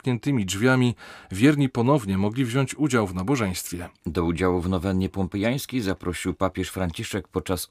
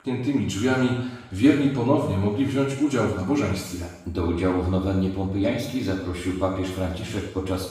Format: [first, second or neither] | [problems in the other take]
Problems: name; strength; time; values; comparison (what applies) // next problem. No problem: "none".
first | room echo; noticeable; dies away in 0.9 s // off-mic speech; far